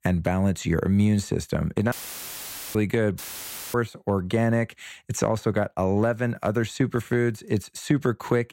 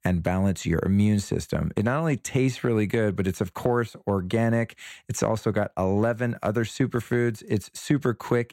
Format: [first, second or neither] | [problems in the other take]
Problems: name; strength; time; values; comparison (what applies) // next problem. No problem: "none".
second | audio cutting out; filled with static; at 2 s for 1 s and at 3 s for 0.5 s